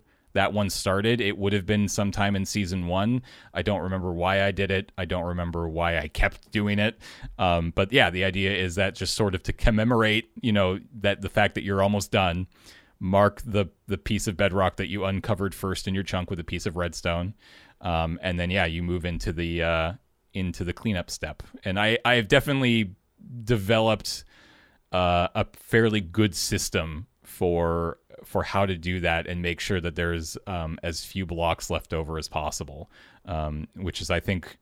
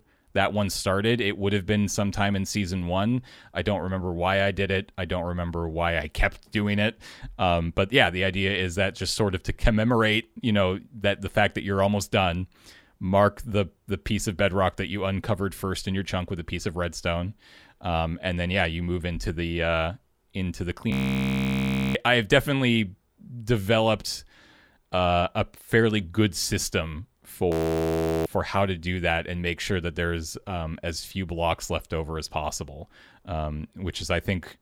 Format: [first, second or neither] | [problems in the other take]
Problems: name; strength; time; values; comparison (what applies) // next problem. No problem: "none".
first | audio freezing; at 21 s for 1 s and at 28 s for 1 s